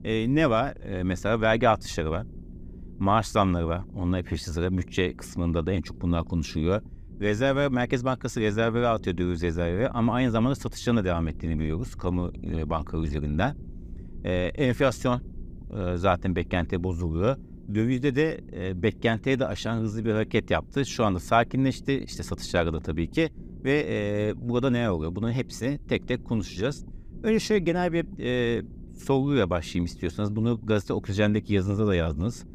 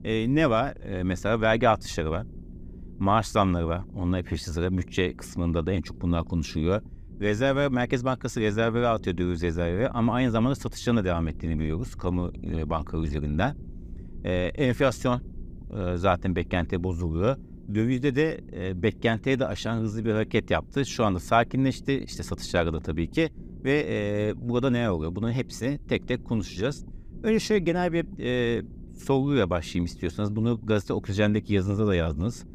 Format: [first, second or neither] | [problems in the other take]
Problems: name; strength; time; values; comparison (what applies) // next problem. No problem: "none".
neither | low rumble; faint; throughout; 25 dB below the speech; the same in both